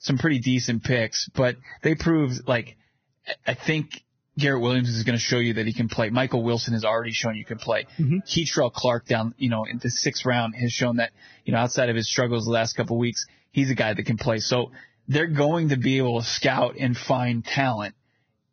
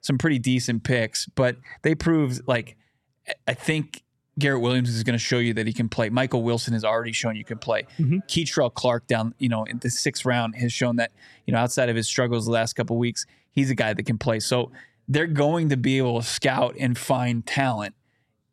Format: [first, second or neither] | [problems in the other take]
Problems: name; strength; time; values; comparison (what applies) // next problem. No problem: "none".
second | garbled, watery; badly; nothing above 6 kHz